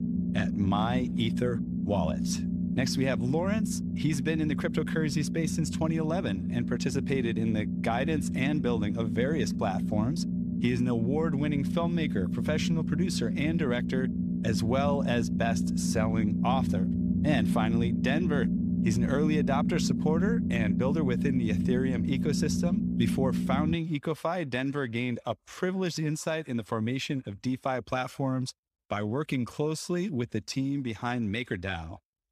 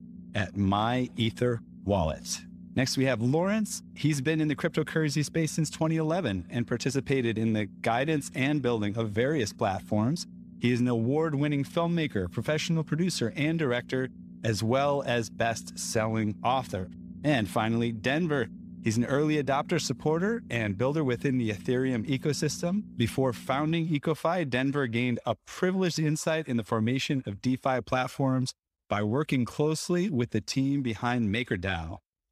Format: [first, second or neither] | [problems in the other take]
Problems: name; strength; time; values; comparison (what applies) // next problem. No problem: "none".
second | low rumble; loud; until 24 s; 4 dB below the speech; faint in the second